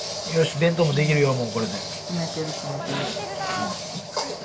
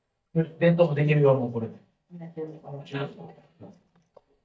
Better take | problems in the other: first | noise reduction (neural mask model DeepFilterNet 3)

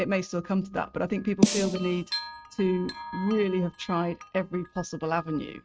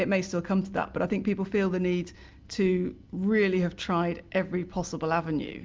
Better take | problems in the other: second | noise reduction (neural mask model RNNoise)

